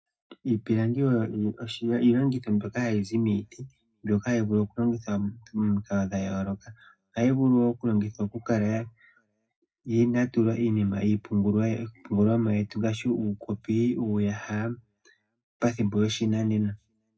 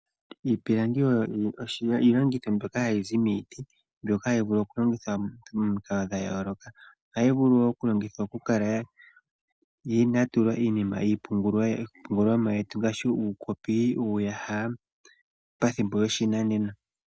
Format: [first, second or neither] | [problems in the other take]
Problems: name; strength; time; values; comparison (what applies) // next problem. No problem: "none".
second | room echo; dies away in 0.2 s